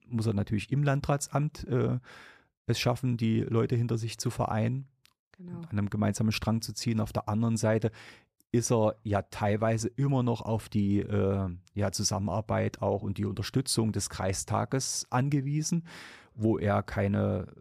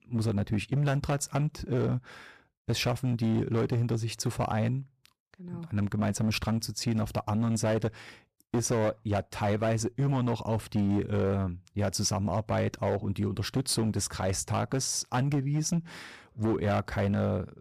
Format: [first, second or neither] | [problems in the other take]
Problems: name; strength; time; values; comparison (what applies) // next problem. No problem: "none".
first | distortion; slight; 10% of the sound clipped